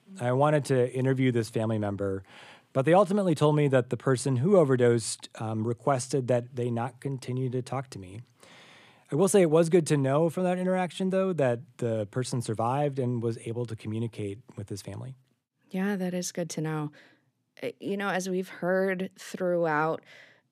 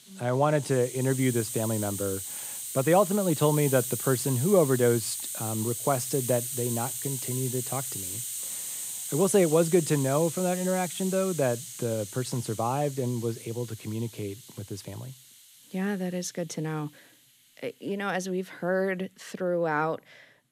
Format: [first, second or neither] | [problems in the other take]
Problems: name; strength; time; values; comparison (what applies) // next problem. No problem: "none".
first | hiss; loud; throughout; 5 dB below the speech